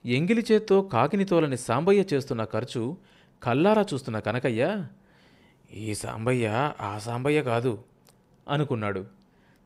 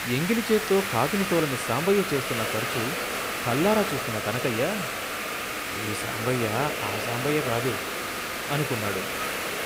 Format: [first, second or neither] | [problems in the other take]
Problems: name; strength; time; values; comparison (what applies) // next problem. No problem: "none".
first | hiss; loud; throughout; 1 dB below the speech